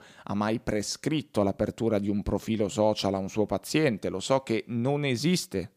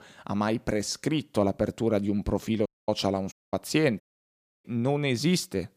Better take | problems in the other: first | audio cutting out; at 2.5 s, at 3.5 s and at 4 s for 0.5 s

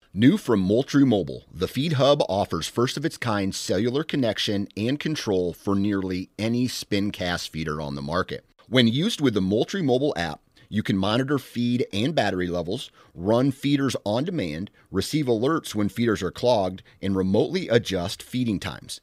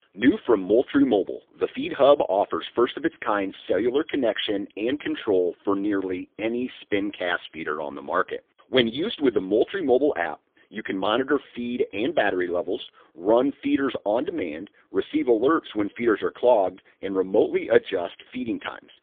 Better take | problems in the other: first | phone-call audio; poor line; nothing above 3.5 kHz

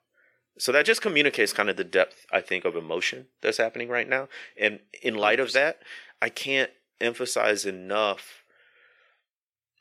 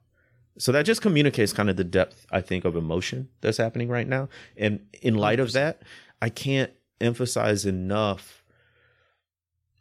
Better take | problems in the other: second | thin; somewhat; fading below 450 Hz

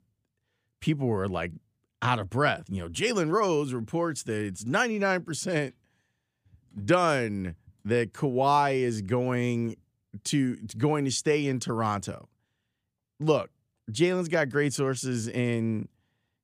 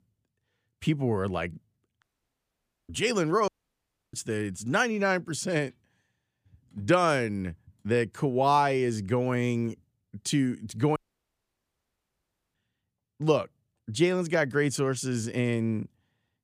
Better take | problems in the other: first | audio cutting out; at 2 s for 1 s, at 3.5 s for 0.5 s and at 11 s for 1.5 s

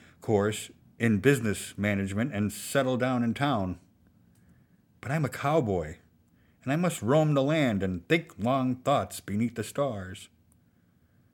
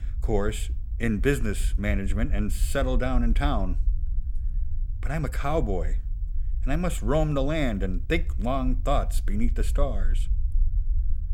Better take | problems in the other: first | low rumble; faint; throughout; 25 dB below the speech

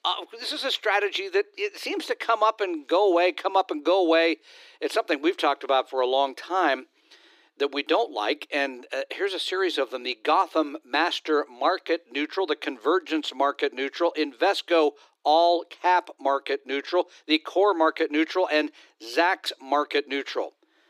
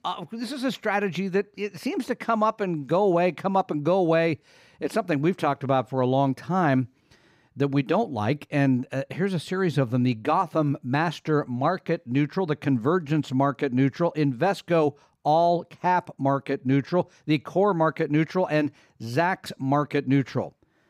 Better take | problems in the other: second | thin; very; fading below 300 Hz

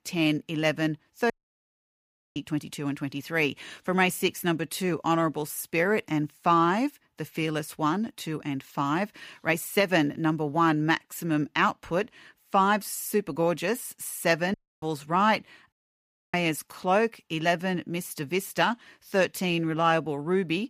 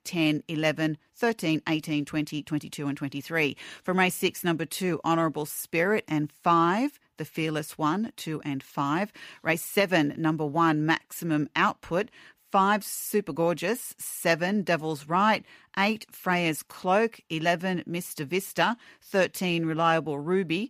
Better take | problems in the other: second | audio cutting out; at 1.5 s for 1 s, at 15 s and at 16 s for 0.5 s

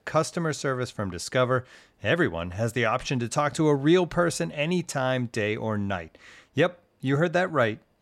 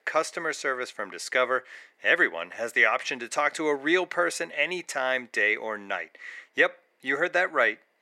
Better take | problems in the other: first | thin; very; fading below 350 Hz

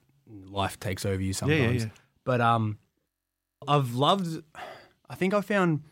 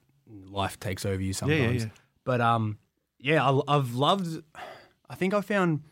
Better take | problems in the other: second | audio freezing; at 3 s for 0.5 s

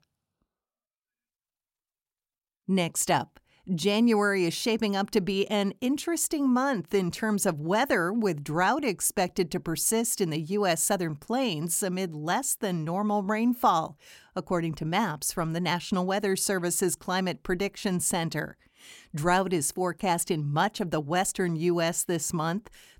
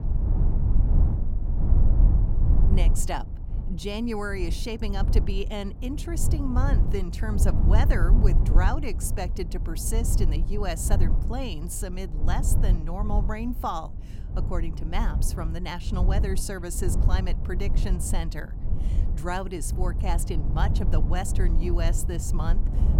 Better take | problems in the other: first | low rumble; loud; throughout; 8 dB below the speech

